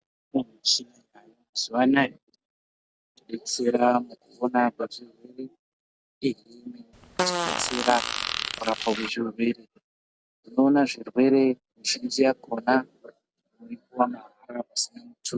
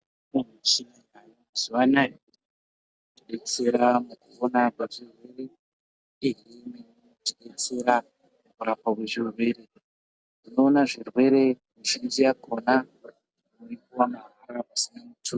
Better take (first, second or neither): second